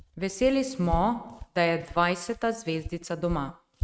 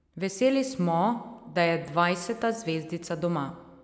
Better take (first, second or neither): second